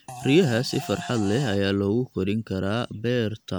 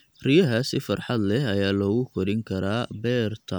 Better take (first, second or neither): second